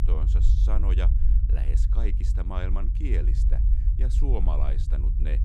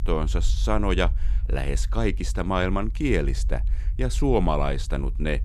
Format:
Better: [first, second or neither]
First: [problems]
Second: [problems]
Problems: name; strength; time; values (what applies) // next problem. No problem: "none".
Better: second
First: low rumble; loud; throughout; 5 dB below the speech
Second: low rumble; faint; throughout; 25 dB below the speech